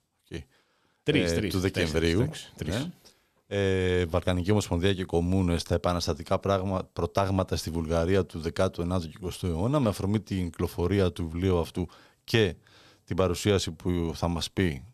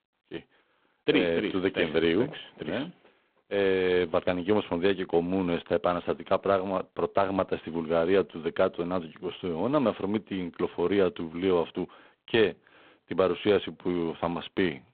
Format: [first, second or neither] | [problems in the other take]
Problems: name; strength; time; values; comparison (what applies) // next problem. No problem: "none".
first | phone-call audio; poor line; nothing above 3.5 kHz